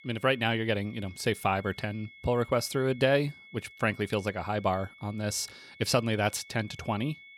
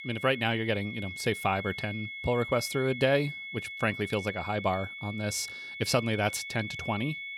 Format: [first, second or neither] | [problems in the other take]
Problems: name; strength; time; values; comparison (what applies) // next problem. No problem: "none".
first | high-pitched whine; loud; throughout; 2 kHz, 8 dB below the speech; faint in the first